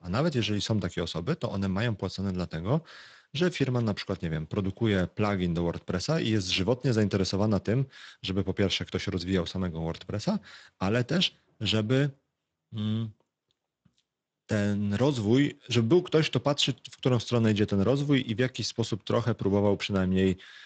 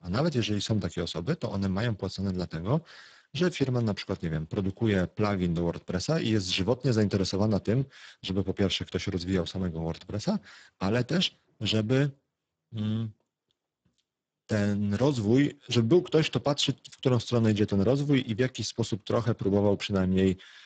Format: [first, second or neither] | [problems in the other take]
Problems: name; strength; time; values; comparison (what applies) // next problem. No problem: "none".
first | garbled, watery; badly; nothing above 7.5 kHz; slightly in the first